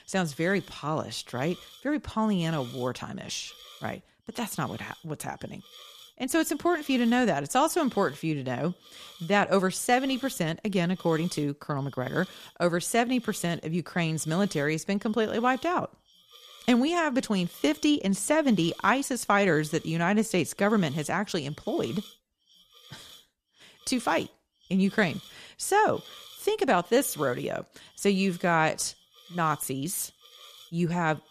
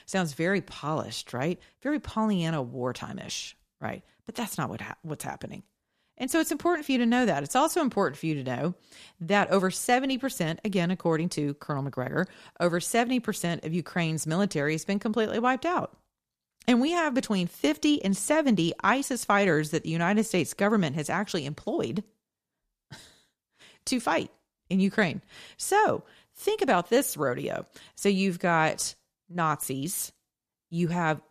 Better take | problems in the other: second | hiss; faint; throughout; 20 dB below the speech

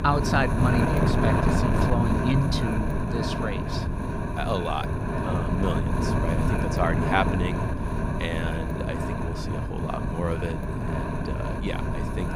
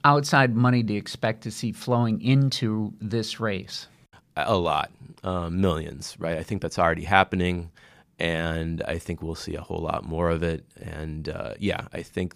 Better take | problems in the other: second | wind noise on the microphone; heavy; 1 dB above the speech

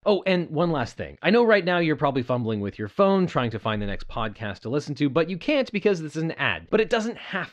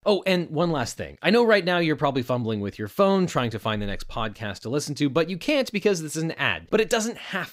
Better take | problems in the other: second | muffled; very slightly; fading above 3.5 kHz

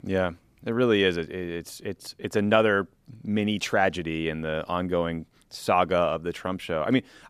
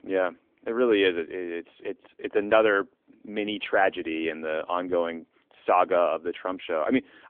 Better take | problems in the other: first | phone-call audio; nothing above 3.5 kHz

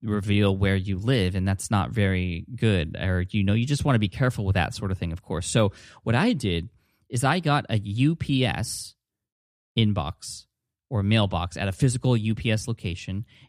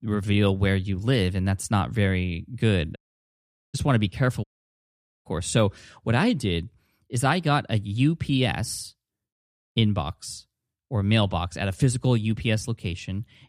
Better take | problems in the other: first | audio cutting out; at 3 s for 1 s and at 4.5 s for 1 s

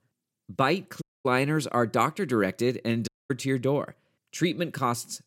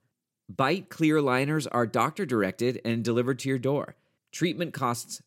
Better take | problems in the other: second | audio cutting out; at 1 s and at 3 s

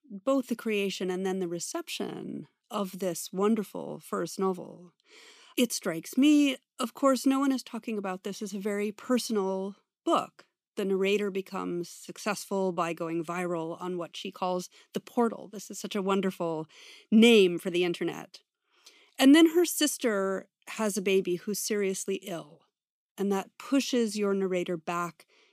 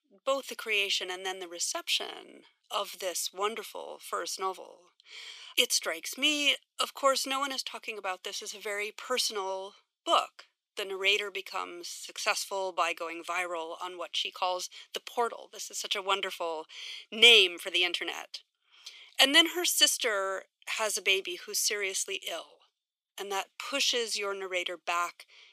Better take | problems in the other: first | thin; very; fading below 550 Hz

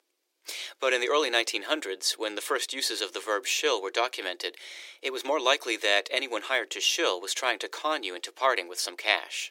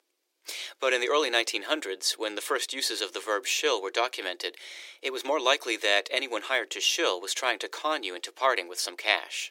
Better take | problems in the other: neither | thin; very; fading below 350 Hz; the same in both

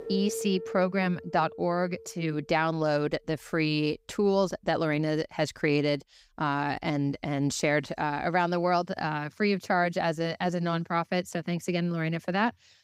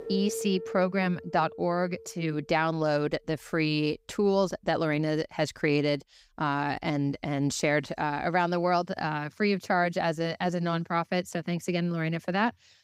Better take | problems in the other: neither | background music; noticeable; throughout; 15 dB below the speech; the same in both

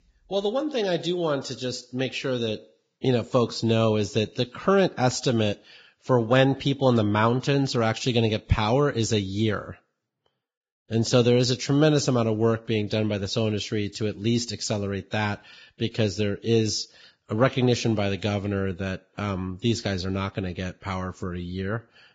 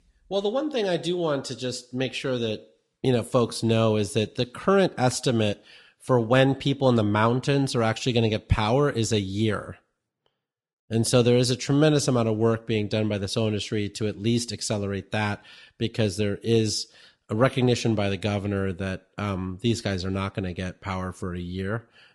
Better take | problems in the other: second | garbled, watery; badly; nothing above 7.5 kHz; slightly in the second

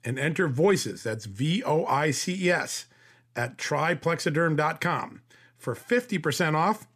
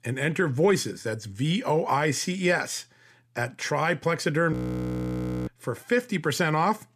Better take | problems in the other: first | audio freezing; at 4.5 s for 1 s

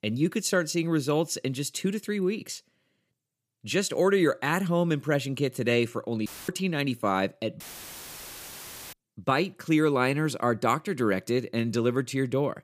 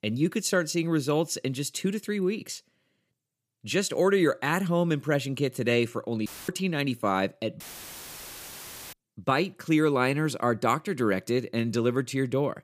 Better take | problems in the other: neither | audio cutting out; filled with static; at 6.5 s and at 7.5 s for 1.5 s; the same in both

